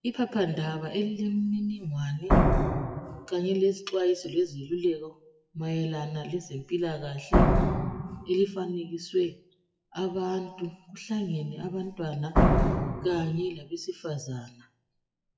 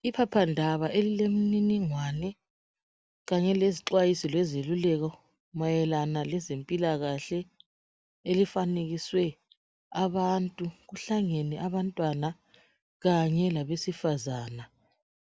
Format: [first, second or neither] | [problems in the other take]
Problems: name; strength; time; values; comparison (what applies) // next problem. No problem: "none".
second | noise reduction (classical method WPE with log-MMSE)